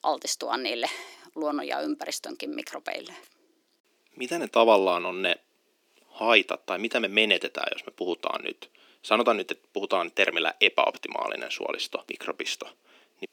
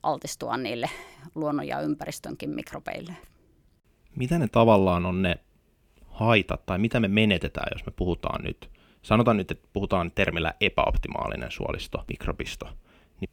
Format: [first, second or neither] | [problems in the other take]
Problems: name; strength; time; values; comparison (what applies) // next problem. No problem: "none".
second | thin; somewhat; fading below 300 Hz